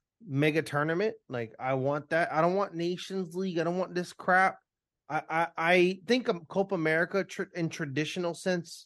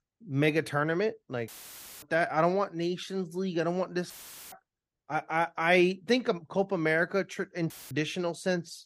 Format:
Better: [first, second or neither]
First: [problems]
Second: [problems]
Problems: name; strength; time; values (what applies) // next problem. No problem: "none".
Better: first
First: none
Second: audio cutting out; filled with static; at 1.5 s for 0.5 s, at 4 s and at 7.5 s